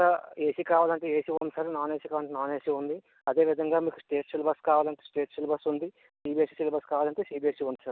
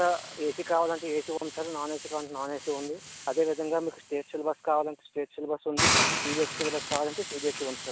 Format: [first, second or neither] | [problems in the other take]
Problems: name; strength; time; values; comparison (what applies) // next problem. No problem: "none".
first | background sound (Hiss); 3 dB below the speech